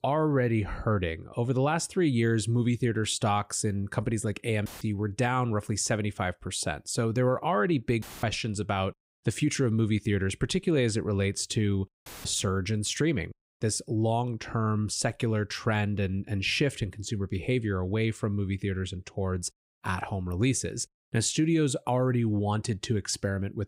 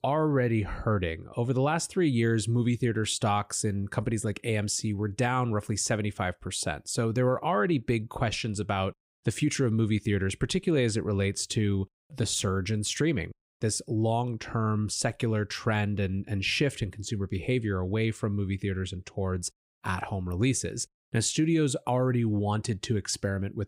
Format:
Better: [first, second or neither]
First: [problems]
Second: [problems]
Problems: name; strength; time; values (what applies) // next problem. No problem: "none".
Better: second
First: audio cutting out; filled with static; at 4.5 s, at 8 s and at 12 s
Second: none